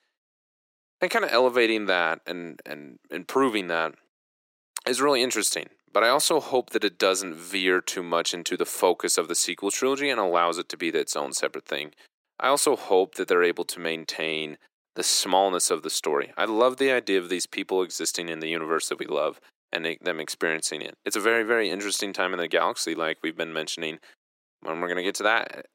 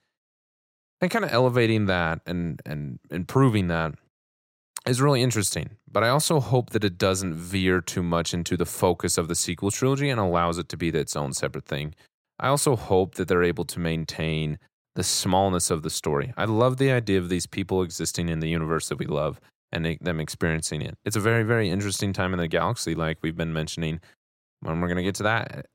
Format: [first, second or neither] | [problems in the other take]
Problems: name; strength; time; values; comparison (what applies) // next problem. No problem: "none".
second | thin; somewhat; fading below 300 Hz